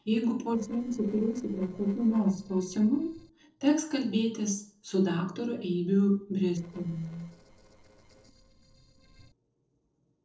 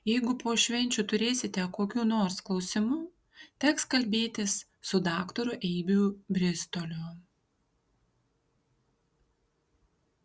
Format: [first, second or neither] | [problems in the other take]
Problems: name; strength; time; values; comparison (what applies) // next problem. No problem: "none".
second | noise reduction (neural separator model SepFormer DNS4)